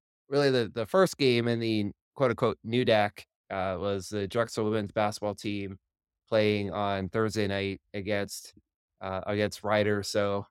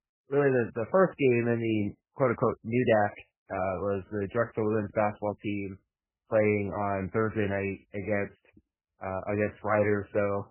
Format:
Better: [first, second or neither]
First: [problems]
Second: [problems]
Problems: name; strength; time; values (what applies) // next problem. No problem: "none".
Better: first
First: none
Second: garbled, watery; badly; nothing above 3 kHz